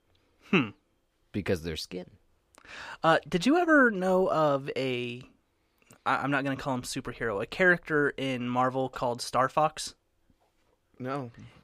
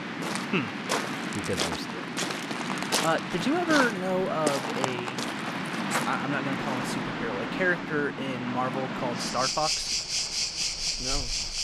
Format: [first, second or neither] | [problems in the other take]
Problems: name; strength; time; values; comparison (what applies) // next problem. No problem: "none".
first | rain or running water; very loud; throughout; 1 dB above the speech